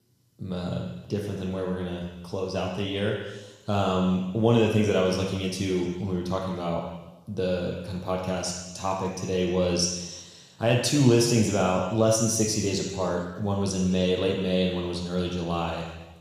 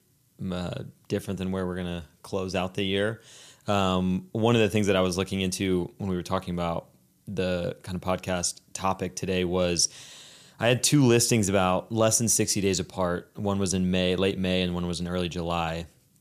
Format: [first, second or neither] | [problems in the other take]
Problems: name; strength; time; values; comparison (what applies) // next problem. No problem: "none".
second | room echo; noticeable; dies away in 1.1 s // off-mic speech; somewhat distant